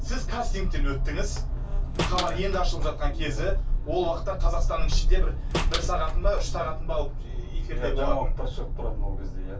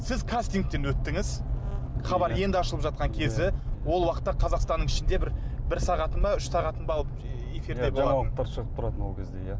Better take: second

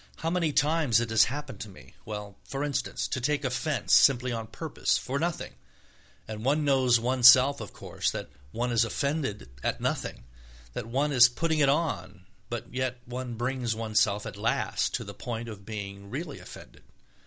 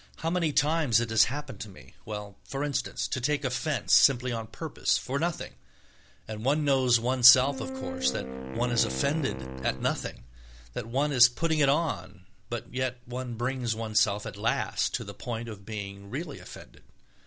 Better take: first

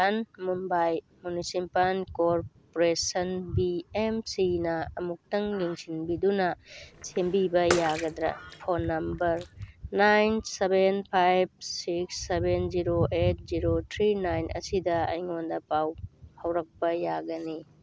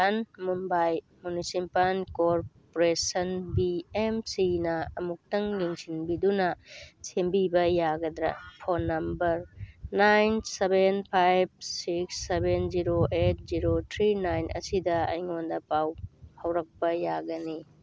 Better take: second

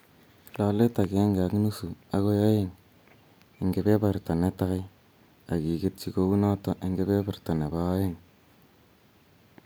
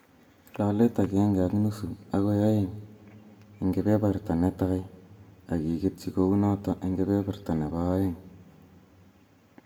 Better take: first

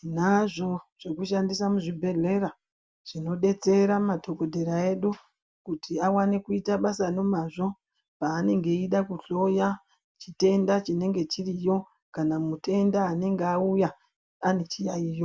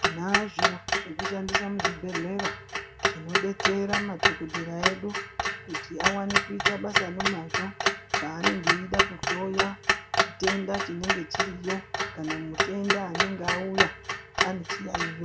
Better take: first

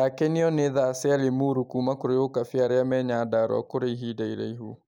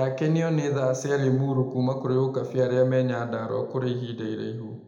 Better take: first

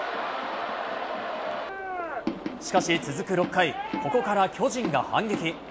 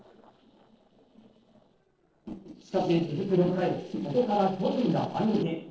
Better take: first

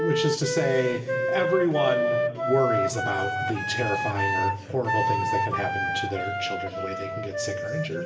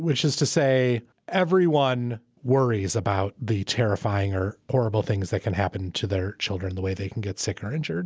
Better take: second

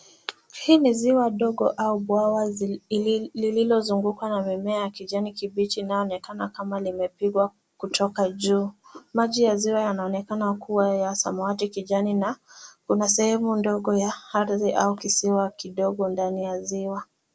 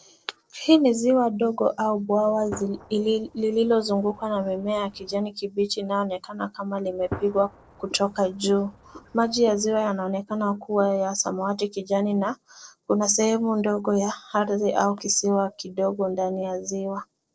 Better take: first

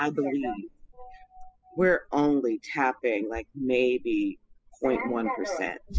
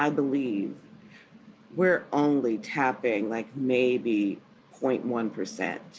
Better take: second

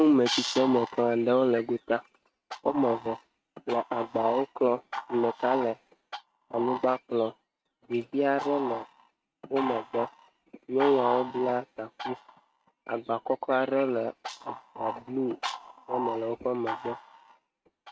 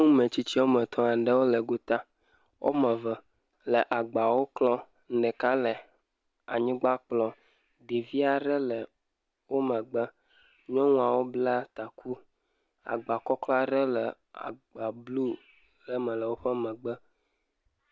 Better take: second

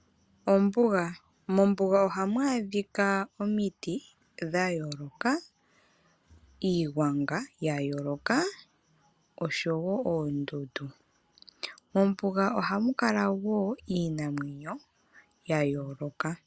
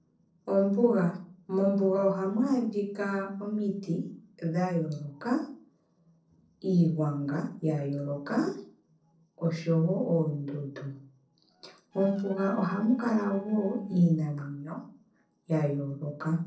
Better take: first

